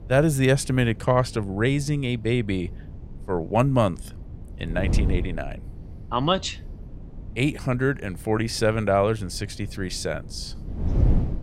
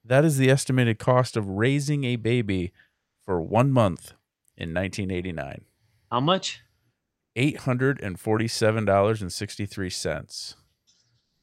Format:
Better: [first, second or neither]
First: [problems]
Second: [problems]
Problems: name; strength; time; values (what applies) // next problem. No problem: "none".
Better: second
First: wind noise on the microphone; occasional gusts; 20 dB below the speech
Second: none